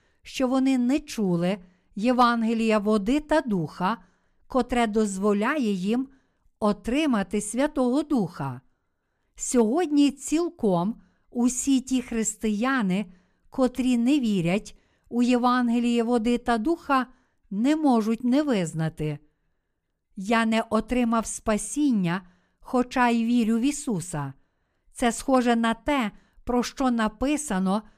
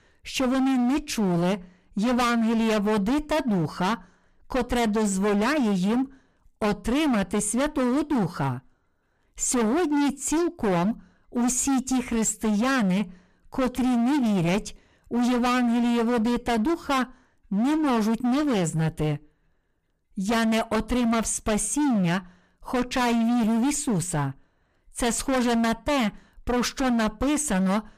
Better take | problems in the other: first | distortion; heavy; 29% of the sound clipped

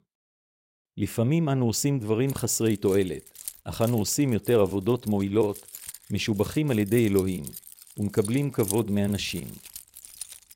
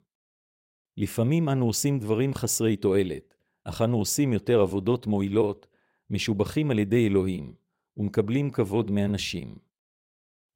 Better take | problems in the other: second | jangling keys; noticeable; from 2.5 s on; peak 8 dB below the speech

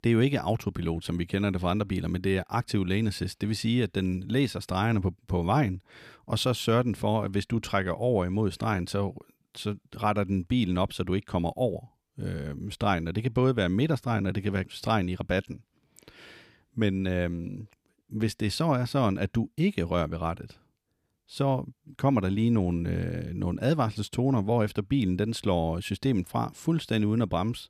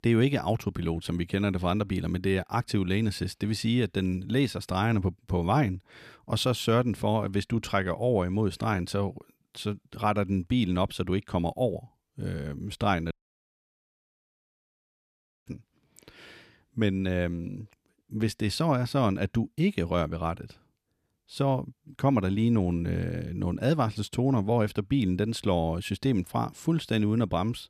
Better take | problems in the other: first | audio cutting out; at 13 s for 2.5 s

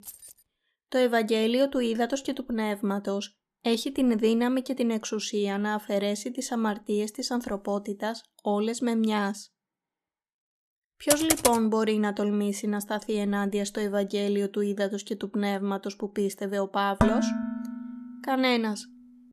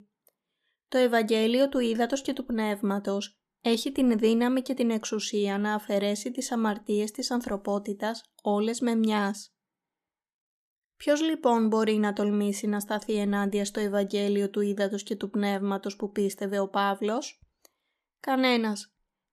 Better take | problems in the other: second | jangling keys; faint; at the start; peak 15 dB below the speech // keyboard typing; loud; at 11 s; peak 3 dB above the speech // clattering dishes; loud; at 17 s; peak 4 dB above the speech

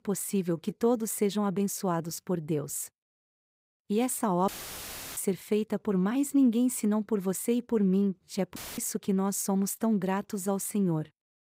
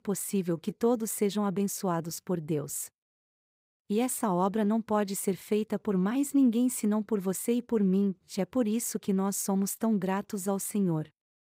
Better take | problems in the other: second | audio cutting out; filled with static; at 4.5 s for 0.5 s and at 8.5 s

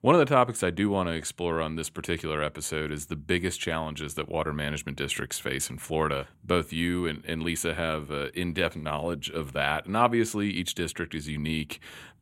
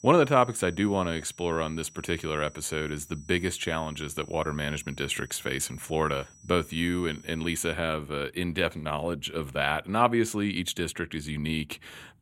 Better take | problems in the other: first | high-pitched whine; faint; until 7.5 s; 6 kHz, 25 dB below the speech

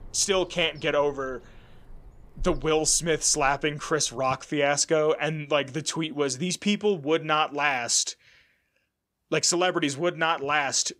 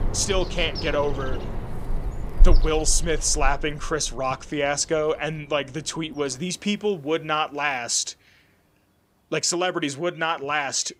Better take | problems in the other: first | animal sounds; loud; throughout; 5 dB below the speech; faint in the first

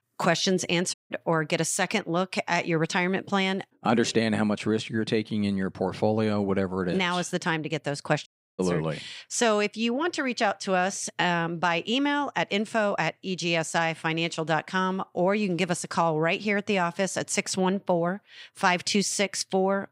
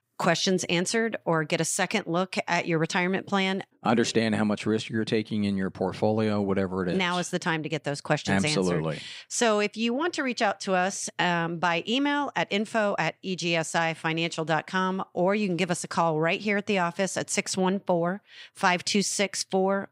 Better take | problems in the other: second | audio cutting out; at 1 s and at 8.5 s

